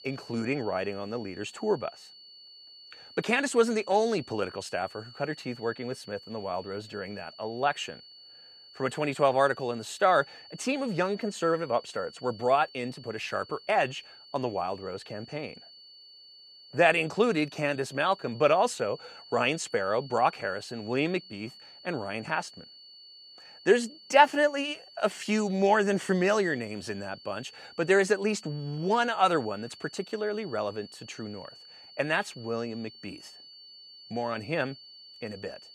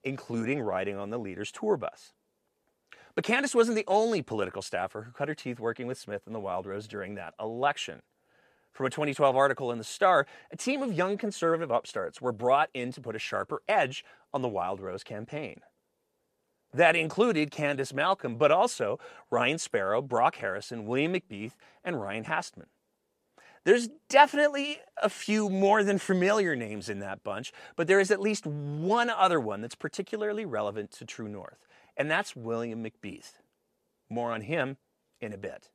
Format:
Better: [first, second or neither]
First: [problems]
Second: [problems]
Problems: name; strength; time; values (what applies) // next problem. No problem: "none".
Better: second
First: high-pitched whine; noticeable; throughout; 4.5 kHz, 20 dB below the speech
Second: none